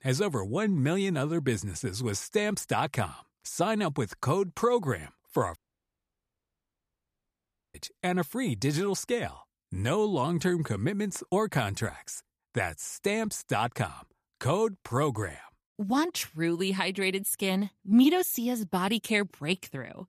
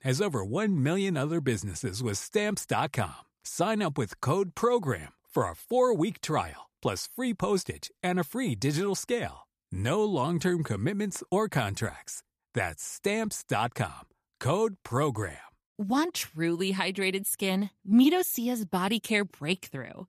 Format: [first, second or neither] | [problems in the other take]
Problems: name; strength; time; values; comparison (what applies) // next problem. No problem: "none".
second | audio cutting out; at 5.5 s for 2 s